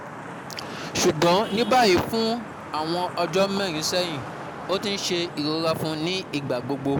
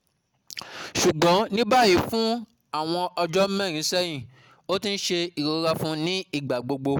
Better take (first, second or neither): second